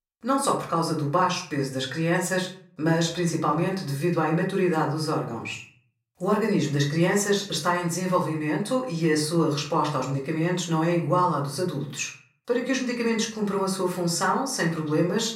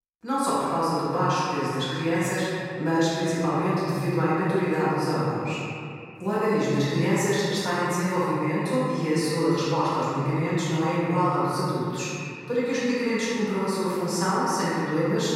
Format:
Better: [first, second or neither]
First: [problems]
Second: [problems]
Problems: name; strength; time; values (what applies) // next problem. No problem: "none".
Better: first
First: room echo; slight; dies away in 0.4 s // off-mic speech; far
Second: room echo; strong; dies away in 2.5 s // off-mic speech; far